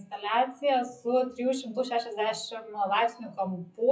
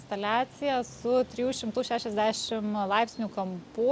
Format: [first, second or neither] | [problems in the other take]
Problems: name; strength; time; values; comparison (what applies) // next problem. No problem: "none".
second | noise reduction (classical method WPE with log-MMSE)